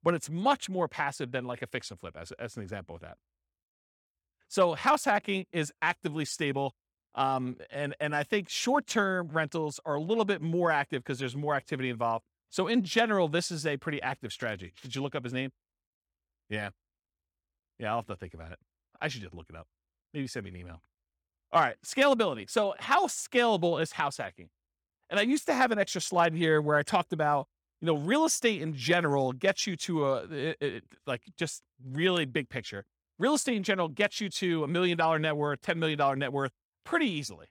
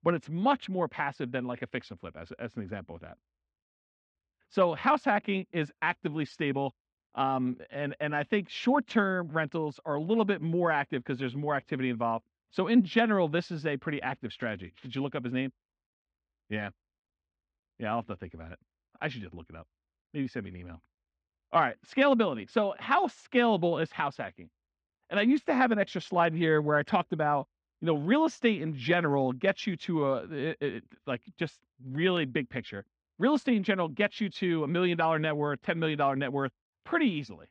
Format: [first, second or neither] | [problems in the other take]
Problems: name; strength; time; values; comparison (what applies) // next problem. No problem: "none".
first | muffled; slightly; fading above 3.5 kHz